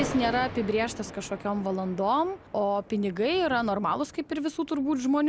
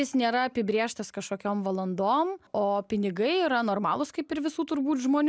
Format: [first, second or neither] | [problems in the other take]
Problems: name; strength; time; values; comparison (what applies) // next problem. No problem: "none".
second | background sound (Thunder); 14 dB below the speech